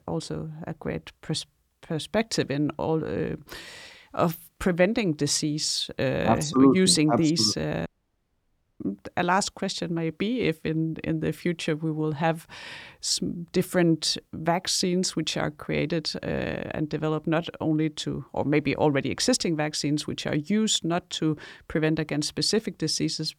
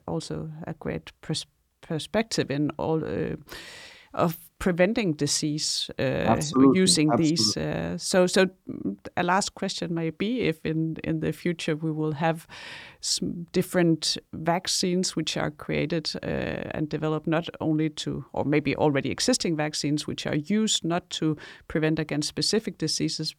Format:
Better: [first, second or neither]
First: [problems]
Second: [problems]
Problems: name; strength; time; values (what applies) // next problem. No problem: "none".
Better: second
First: audio cutting out; at 8 s for 1 s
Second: none